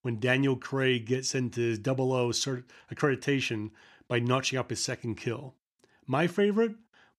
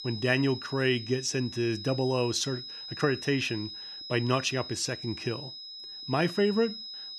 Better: first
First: none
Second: high-pitched whine; loud; throughout; 5 kHz, 10 dB below the speech

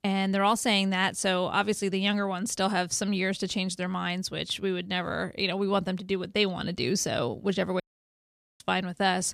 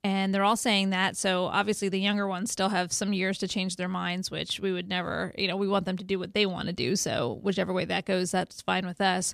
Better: second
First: audio cutting out; at 8 s for 1 s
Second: none

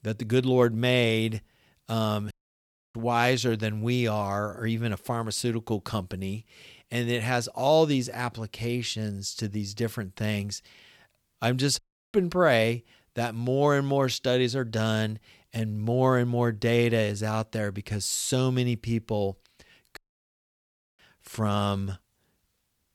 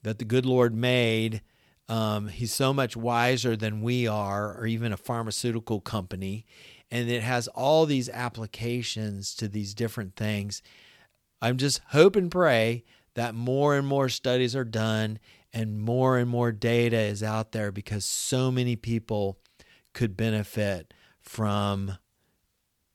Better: second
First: audio cutting out; at 2.5 s for 0.5 s, at 12 s and at 20 s for 1 s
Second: none

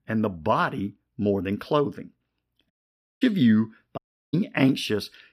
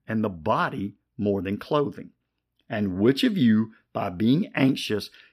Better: second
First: audio cutting out; at 2.5 s for 0.5 s and at 4 s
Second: none

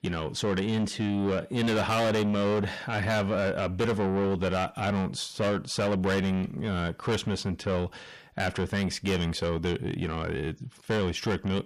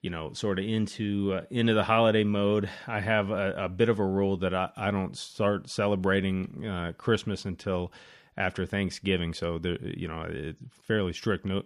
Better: second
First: distortion; heavy; 7 dB below the speech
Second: none

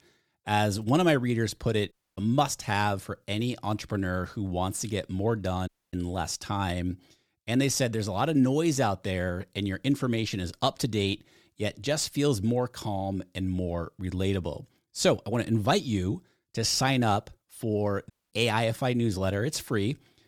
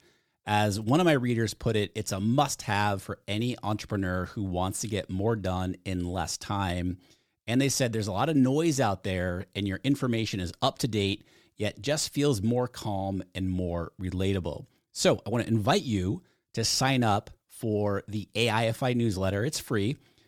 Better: second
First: audio cutting out; at 2 s, at 5.5 s and at 18 s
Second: none

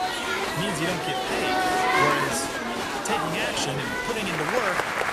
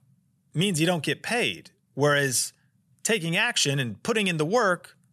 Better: second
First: crowd noise; very loud; throughout; 5 dB above the speech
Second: none

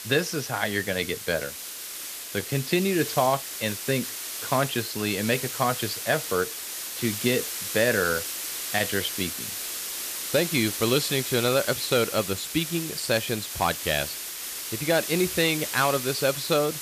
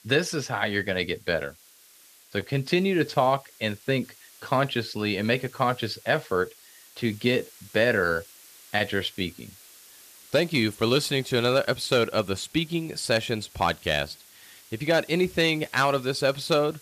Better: second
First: hiss; loud; throughout; 5 dB below the speech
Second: hiss; faint; throughout; 25 dB below the speech

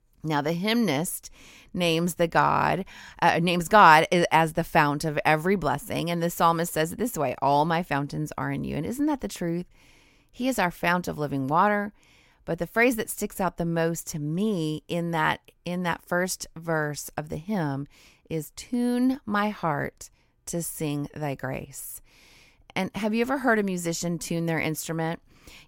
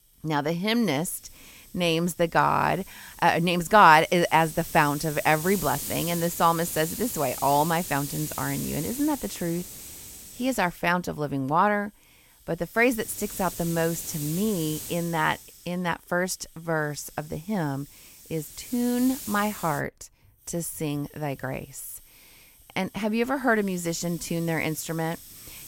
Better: first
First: none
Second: hiss; noticeable; throughout; 10 dB below the speech

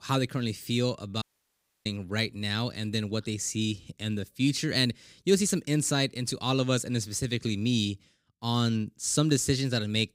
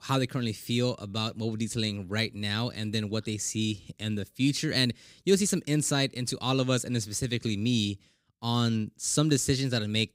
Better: second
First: audio cutting out; at 1 s for 0.5 s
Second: none

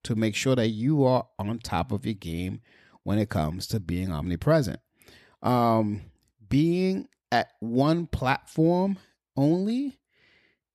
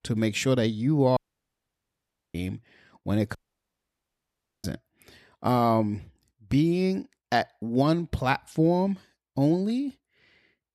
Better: first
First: none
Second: audio cutting out; at 1 s for 1 s and at 3.5 s for 1.5 s

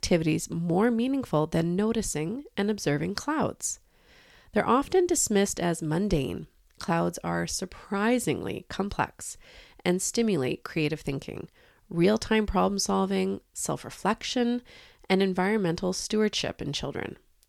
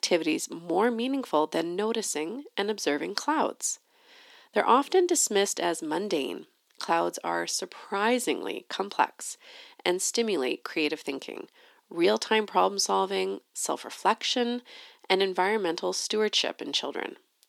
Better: first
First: none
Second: thin; somewhat; fading below 250 Hz

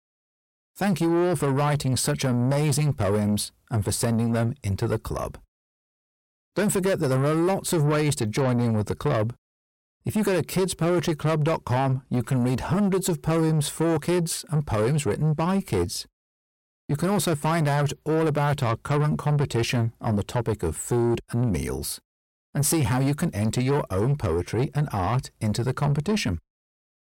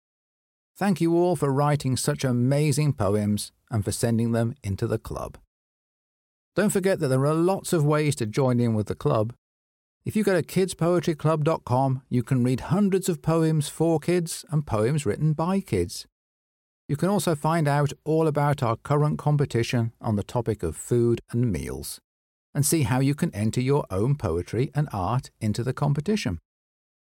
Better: second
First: distortion; slight; 10 dB below the speech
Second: none

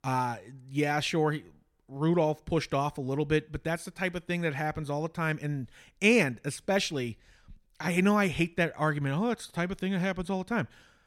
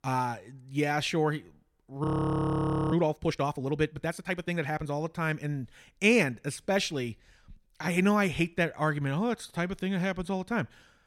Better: first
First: none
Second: audio freezing; at 2 s for 1 s

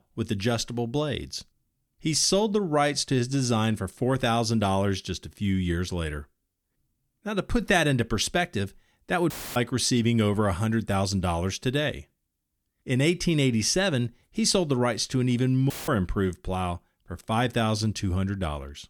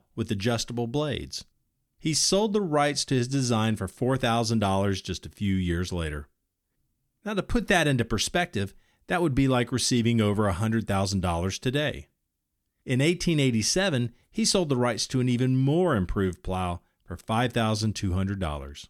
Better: second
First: audio cutting out; filled with static; at 9.5 s and at 16 s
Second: none

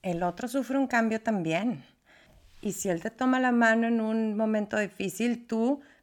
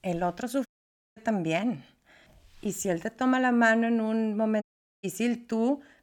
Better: first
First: none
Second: audio cutting out; at 0.5 s and at 4.5 s

